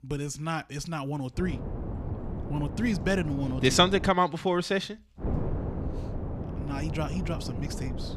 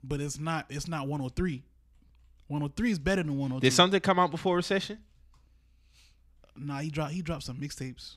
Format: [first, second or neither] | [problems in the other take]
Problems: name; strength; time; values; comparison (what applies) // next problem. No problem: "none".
second | wind noise on the microphone; occasional gusts; from 1.5 to 4 s and from 5 s on; 15 dB below the speech